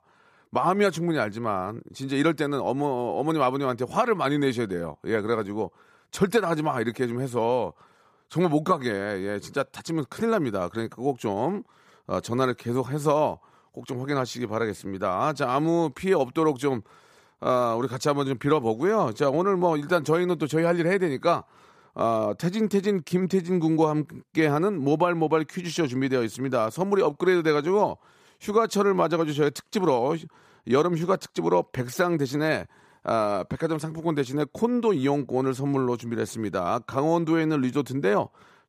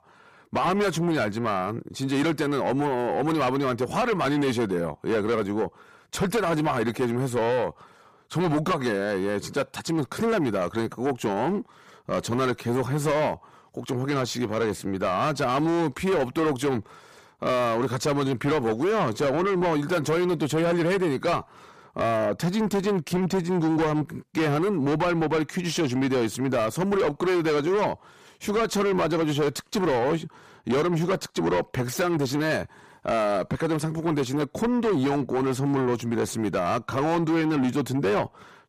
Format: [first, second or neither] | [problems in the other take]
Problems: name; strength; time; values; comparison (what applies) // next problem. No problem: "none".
first | distortion; heavy; 7 dB below the speech